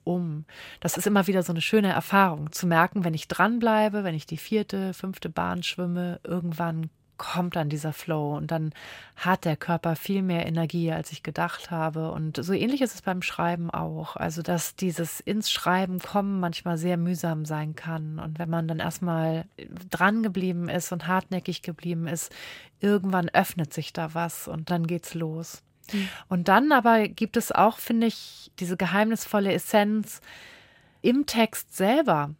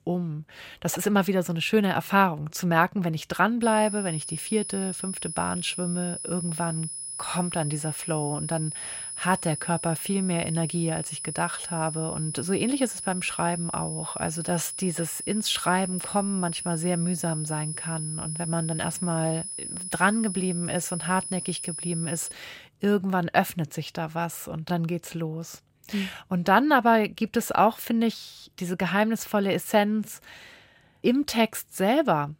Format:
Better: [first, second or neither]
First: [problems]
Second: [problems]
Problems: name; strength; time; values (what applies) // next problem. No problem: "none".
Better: first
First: none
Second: high-pitched whine; loud; from 3.5 to 22 s; 10.5 kHz, 6 dB below the speech